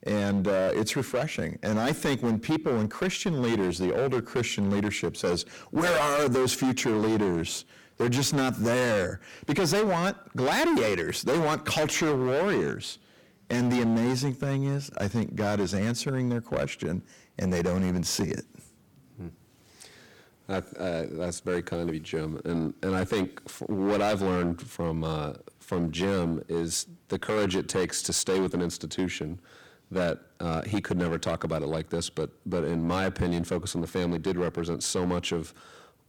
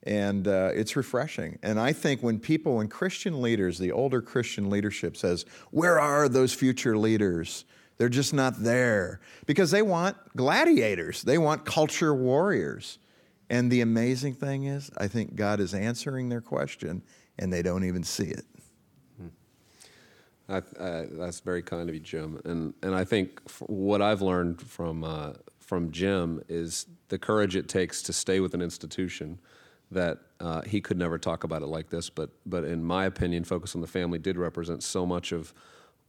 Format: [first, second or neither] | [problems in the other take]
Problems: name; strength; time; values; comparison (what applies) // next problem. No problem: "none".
second | distortion; heavy; 13% of the sound clipped